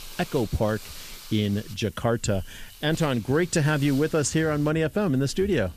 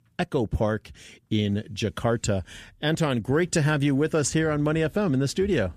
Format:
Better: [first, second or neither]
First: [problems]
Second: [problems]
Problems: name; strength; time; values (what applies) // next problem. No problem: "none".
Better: second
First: hiss; noticeable; throughout; 20 dB below the speech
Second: none